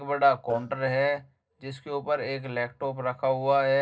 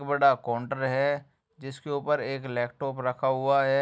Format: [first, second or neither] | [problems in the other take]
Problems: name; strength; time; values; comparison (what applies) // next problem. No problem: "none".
second | noise reduction (neural separator model SepFormer DNS4)